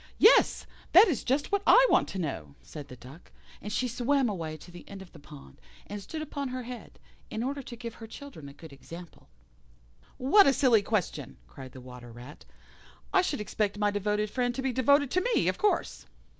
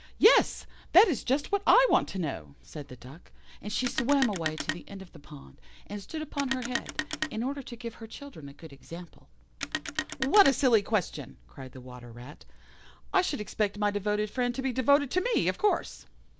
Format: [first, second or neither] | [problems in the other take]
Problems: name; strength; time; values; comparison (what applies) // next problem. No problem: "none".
first | background sound (Telephone); 8 dB below the speech